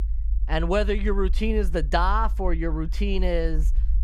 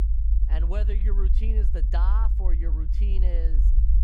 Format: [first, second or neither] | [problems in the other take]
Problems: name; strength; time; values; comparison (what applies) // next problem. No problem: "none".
first | low rumble; loud; throughout; 6 dB below the speech; faint in the first